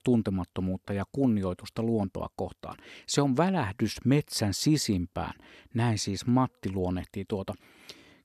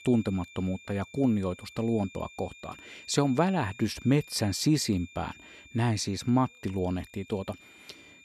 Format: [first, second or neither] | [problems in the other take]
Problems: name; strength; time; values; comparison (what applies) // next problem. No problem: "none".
first | high-pitched whine; faint; throughout; 2.5 kHz, 20 dB below the speech